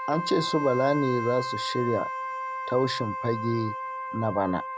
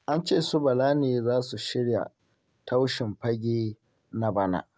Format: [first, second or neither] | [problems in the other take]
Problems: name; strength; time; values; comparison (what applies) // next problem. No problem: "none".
second | background sound (Wind instrument, woodwind instrument); 5 dB below the speech